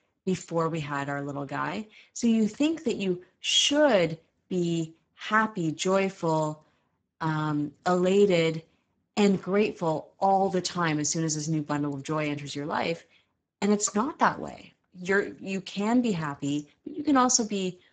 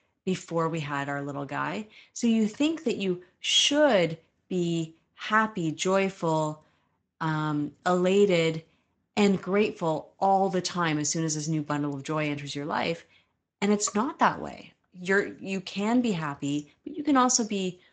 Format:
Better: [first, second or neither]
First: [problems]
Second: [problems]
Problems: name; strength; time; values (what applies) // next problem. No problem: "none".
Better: second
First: garbled, watery; badly; nothing above 7.5 kHz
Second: garbled, watery; slightly; nothing above 7.5 kHz